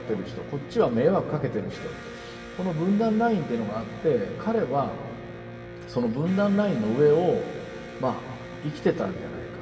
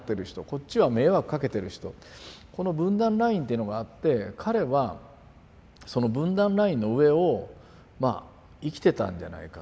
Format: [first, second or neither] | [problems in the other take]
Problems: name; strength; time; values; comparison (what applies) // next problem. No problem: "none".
second | background sound (Electric guitar); 14 dB below the speech // room echo; dies away in 2.6 s